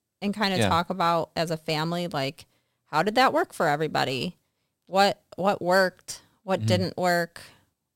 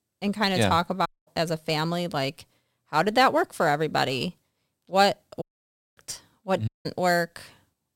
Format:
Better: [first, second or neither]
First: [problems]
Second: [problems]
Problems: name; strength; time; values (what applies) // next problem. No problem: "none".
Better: first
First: none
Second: audio cutting out; at 1 s, at 5.5 s for 0.5 s and at 6.5 s